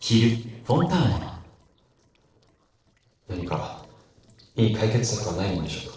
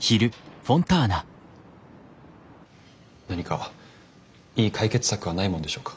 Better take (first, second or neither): second